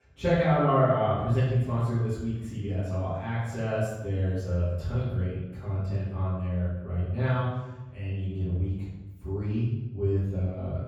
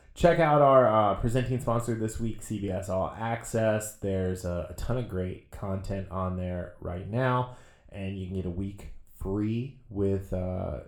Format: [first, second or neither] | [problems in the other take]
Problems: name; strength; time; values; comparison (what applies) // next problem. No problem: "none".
second | room echo; strong; dies away in 1.4 s; slight in the second // off-mic speech; far